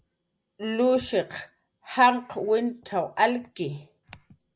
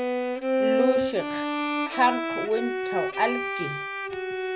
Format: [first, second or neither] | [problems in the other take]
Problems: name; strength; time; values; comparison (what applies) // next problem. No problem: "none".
first | background sound (Bowed string instrument); 2 dB above the speech